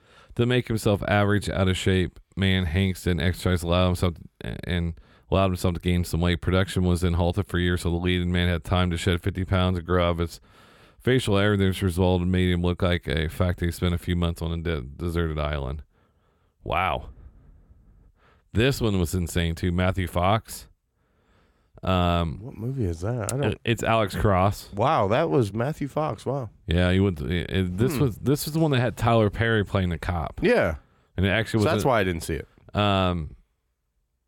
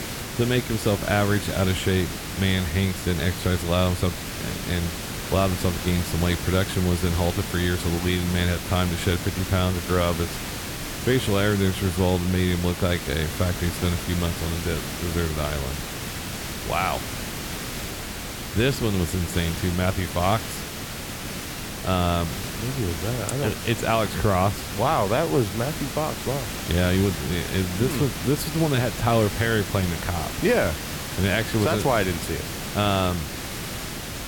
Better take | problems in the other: first | hiss; loud; throughout; 6 dB below the speech

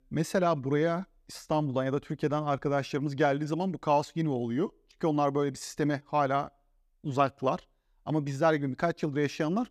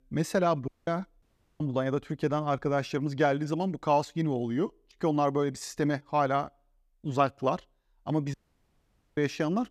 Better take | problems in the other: first | audio cutting out; at 0.5 s, at 1 s and at 8.5 s for 1 s

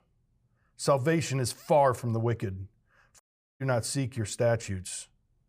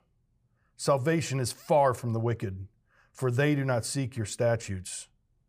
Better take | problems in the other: second | audio cutting out; at 3 s

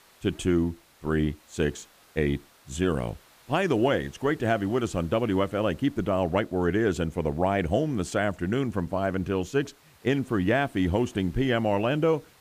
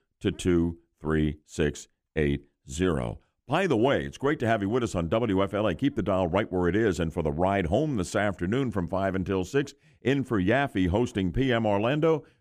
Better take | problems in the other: second | hiss; faint; throughout; 30 dB below the speech

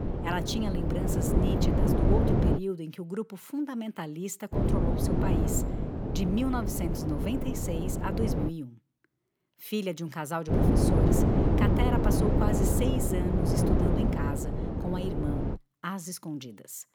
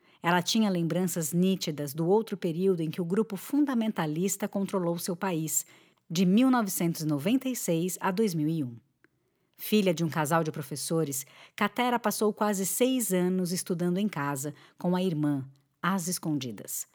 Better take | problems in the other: second | wind noise on the microphone; heavy; until 2.5 s, from 4.5 to 8.5 s and from 11 to 16 s; 3 dB above the speech

